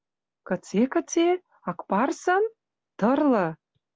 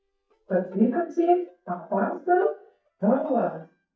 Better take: first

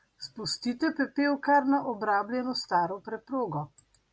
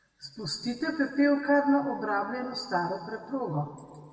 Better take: first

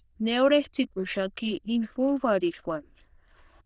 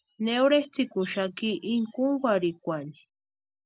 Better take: second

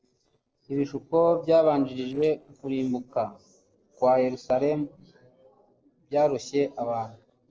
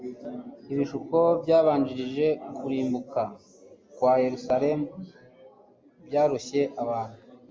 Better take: second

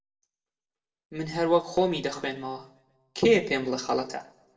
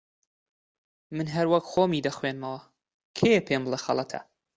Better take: second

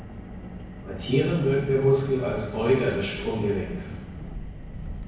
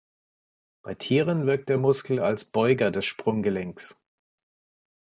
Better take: second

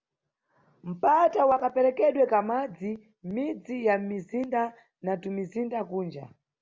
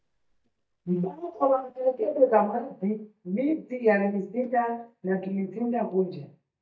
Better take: first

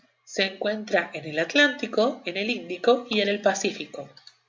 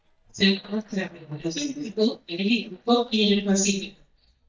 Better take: first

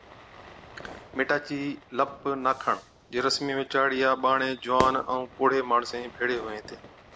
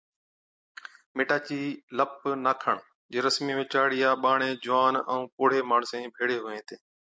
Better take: second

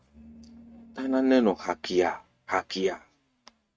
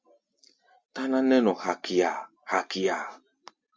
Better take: second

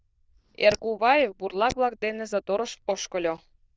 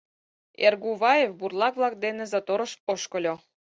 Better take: second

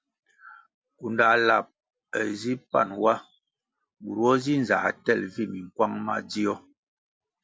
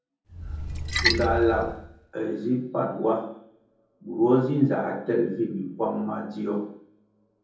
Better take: first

